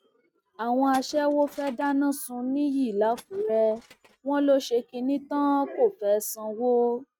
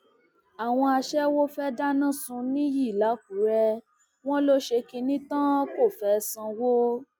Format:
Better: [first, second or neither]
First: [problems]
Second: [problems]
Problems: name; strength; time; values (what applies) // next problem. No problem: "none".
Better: second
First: noise reduction (neural mask model RNNoise)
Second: none